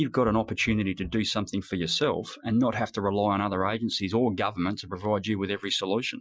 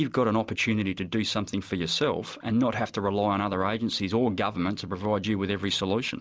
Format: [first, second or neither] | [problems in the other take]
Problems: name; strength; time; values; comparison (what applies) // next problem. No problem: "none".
second | noise reduction (classical method Wiener filter)